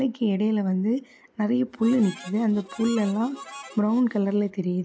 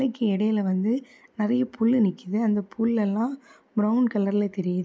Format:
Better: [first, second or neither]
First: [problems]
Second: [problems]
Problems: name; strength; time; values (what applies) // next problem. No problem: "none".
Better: second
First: background sound (Harmonica); 18 dB below the speech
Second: none